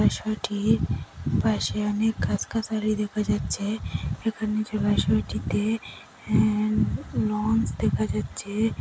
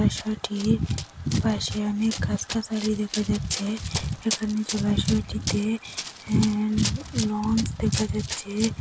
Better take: first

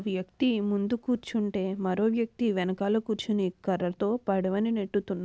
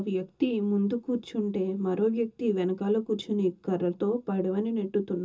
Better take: first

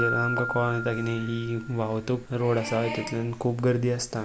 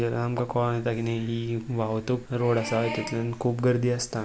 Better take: second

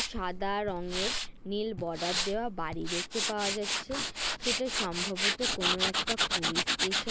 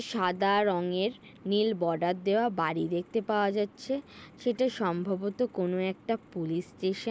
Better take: second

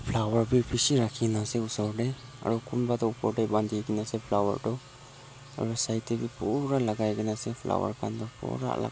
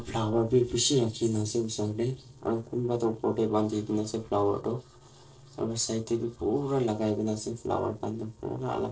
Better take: first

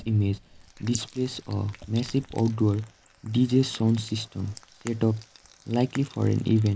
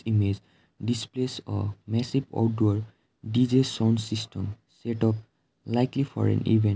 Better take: second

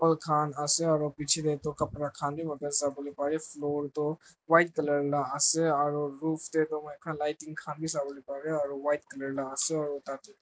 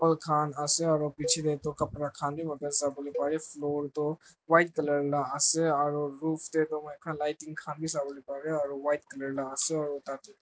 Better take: first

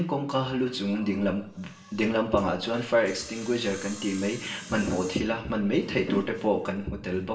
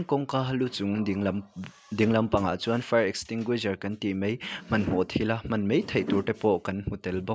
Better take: second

